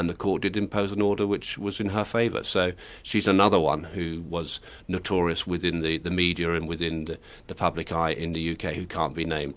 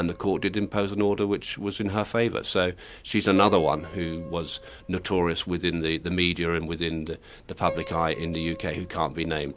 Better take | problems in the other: first | background sound (Piano); 17 dB below the speech

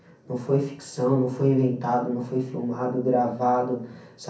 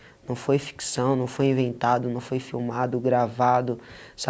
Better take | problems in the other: second | room echo; dies away in 0.6 s

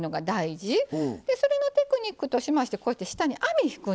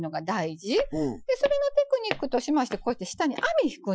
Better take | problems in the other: first | noise reduction (classical method Wiener filter)

